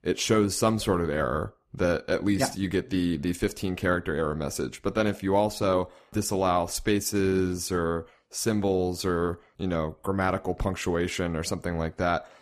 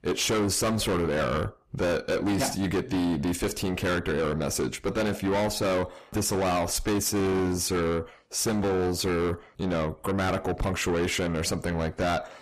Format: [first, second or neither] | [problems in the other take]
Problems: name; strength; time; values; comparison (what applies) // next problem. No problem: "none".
first | distortion; heavy; 6 dB below the speech